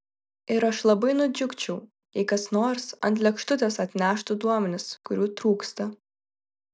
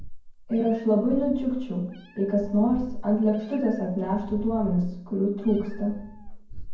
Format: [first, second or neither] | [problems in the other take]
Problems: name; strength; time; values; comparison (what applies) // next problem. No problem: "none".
first | background sound (Meow); 12 dB below the speech // room echo; dies away in 0.9 s